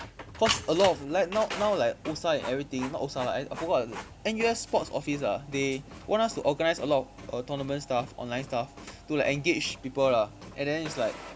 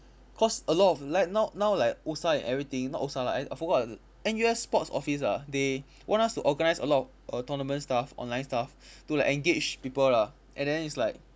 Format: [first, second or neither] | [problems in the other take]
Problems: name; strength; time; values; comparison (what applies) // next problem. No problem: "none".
second | background sound (Printer); 12 dB below the speech